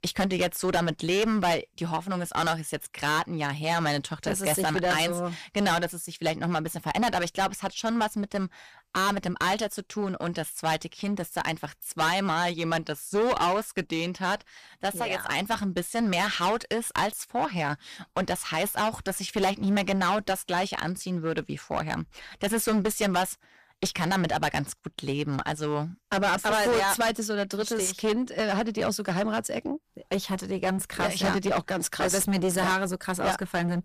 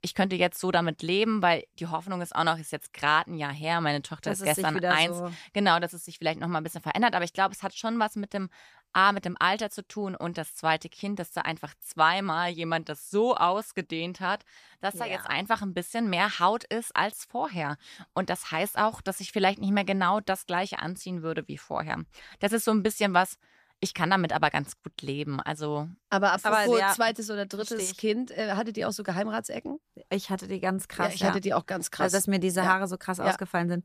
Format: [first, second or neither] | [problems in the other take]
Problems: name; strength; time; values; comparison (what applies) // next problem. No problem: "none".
second | distortion; heavy; 12% of the sound clipped